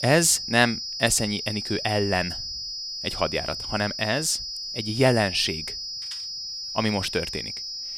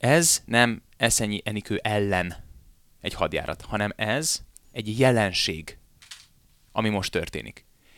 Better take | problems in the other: second | high-pitched whine; loud; throughout; 5 kHz, 6 dB below the speech

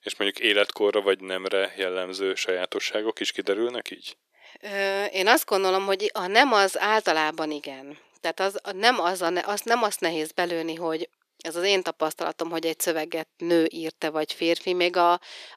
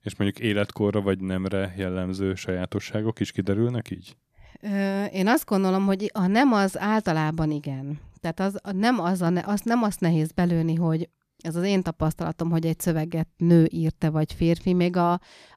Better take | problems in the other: second | thin; very; fading below 400 Hz

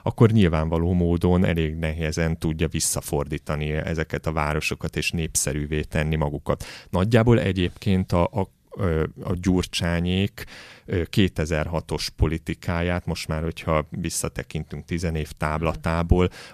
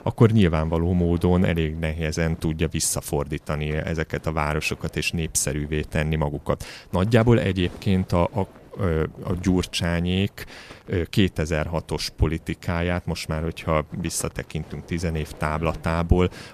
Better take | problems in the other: first | wind noise on the microphone; occasional gusts; 25 dB below the speech

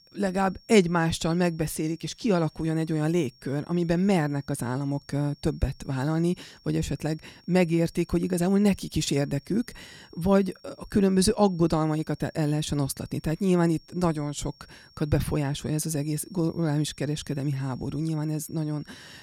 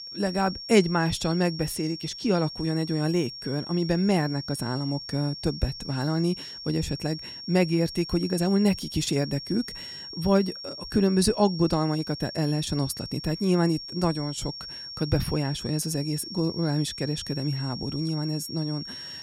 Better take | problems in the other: first | high-pitched whine; loud; throughout; 5.5 kHz, 10 dB below the speech; faint in the first

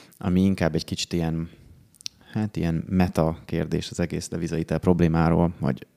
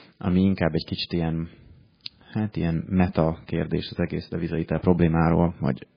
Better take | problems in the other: first | garbled, watery; badly; nothing above 4.5 kHz

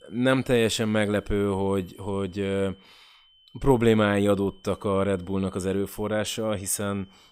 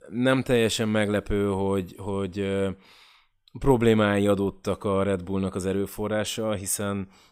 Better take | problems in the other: second | high-pitched whine; faint; throughout; 3 kHz, 30 dB below the speech

